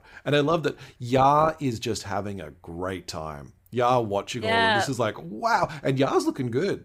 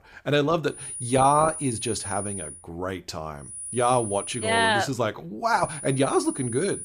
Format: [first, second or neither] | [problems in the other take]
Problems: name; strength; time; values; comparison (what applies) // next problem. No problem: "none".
first | high-pitched whine; loud; from 1 to 2.5 s, from 3.5 to 4.5 s and from 5.5 s on; 9.5 kHz, 9 dB below the speech